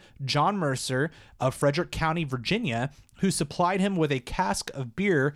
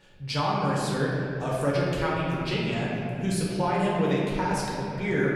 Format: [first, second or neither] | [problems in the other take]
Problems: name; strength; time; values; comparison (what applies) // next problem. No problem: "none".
first | room echo; noticeable; dies away in 2.5 s // off-mic speech; far